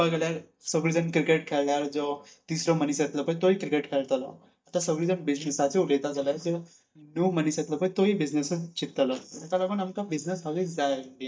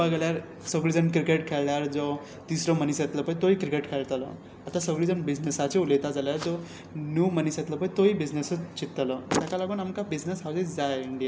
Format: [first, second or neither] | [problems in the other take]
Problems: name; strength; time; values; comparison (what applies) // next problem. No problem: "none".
second | noise reduction (neural mask model DeepFilterNet 3)